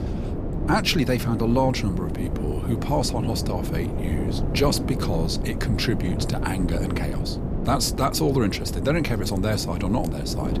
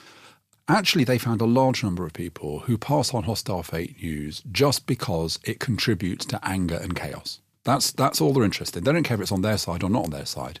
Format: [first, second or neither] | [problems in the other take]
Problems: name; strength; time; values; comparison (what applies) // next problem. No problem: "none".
second | wind noise on the microphone; heavy; 8 dB below the speech